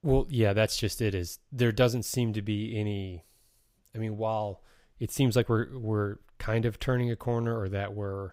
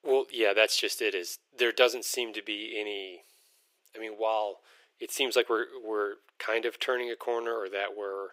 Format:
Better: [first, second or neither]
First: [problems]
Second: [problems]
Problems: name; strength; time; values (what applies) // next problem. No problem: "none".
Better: first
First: none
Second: thin; very; fading below 350 Hz